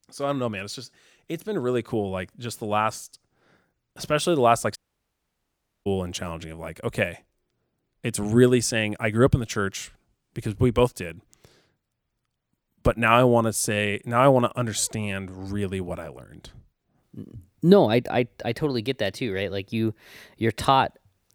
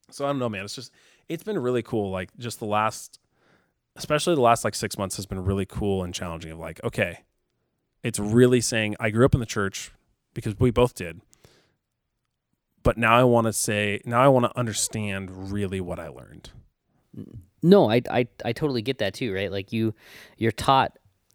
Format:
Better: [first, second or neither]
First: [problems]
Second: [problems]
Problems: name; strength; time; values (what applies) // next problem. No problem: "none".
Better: second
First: audio cutting out; at 5 s for 1 s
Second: none